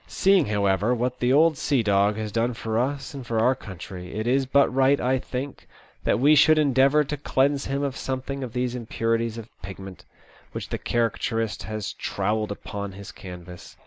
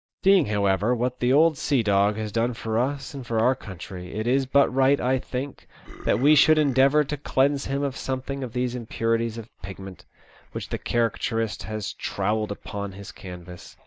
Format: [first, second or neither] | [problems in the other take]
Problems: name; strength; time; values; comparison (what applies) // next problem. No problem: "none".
first | noise reduction (neural mask model DeepFilterNet 3)